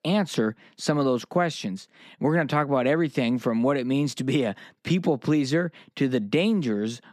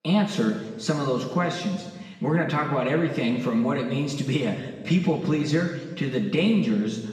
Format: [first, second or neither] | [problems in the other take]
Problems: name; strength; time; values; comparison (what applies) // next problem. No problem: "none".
first | room echo; noticeable; dies away in 1.2 s // off-mic speech; far